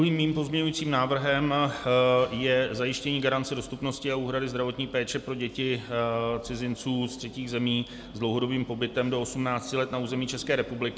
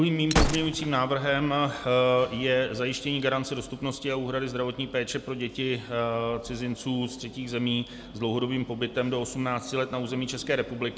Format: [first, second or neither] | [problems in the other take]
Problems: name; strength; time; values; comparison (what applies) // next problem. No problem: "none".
first | background sound (Gunshot, gunfire); 4 dB below the speech